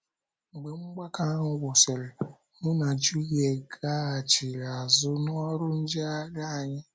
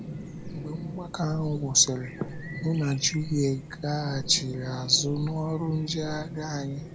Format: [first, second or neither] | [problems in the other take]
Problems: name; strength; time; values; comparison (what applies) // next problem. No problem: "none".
first | background sound (Chirp, tweet); 10 dB below the speech